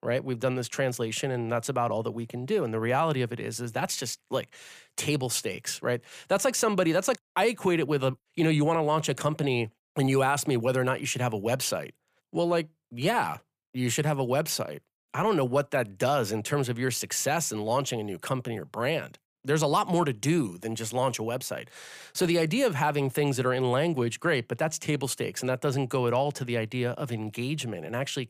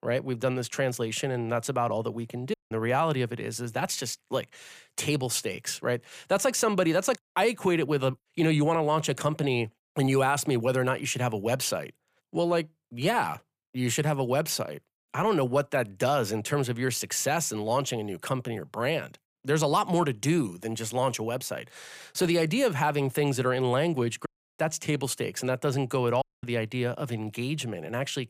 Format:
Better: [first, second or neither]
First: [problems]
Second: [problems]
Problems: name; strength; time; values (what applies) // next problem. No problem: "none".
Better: first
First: none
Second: audio cutting out; at 2.5 s, at 24 s and at 26 s